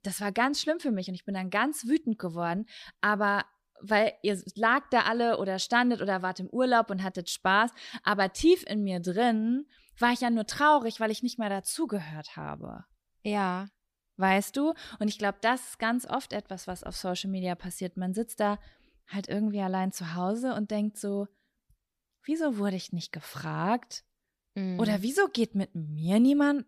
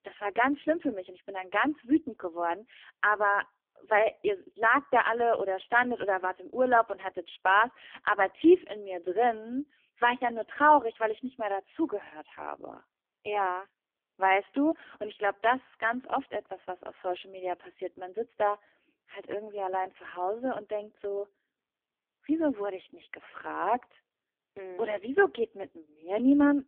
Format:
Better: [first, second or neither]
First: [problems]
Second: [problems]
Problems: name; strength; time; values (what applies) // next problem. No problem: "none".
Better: first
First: none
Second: phone-call audio; poor line